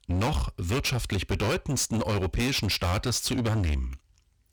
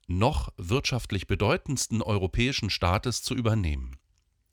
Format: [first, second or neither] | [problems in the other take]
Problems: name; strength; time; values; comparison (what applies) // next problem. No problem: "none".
second | distortion; heavy; 27% of the sound clipped